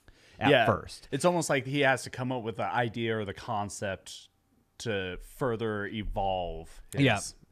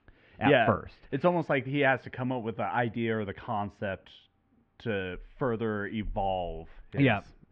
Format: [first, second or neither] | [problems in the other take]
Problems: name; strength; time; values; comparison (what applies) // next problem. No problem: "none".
first | muffled; very; fading above 3 kHz